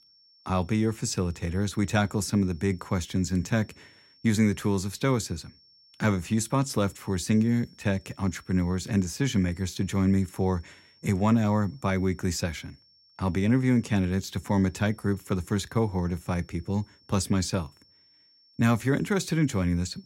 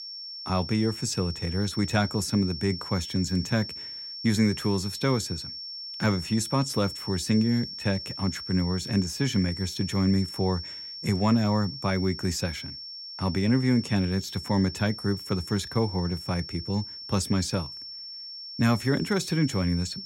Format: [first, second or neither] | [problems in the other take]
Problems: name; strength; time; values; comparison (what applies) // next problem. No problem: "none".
first | high-pitched whine; loud; throughout; 5.5 kHz, 9 dB below the speech; faint in the first